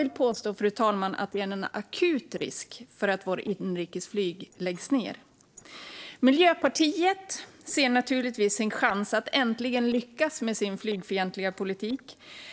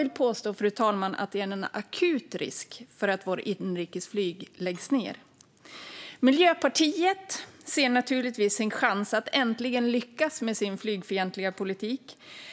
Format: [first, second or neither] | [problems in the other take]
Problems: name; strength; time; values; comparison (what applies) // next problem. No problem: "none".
second | noise reduction (neural separator model SepFormer DNS4)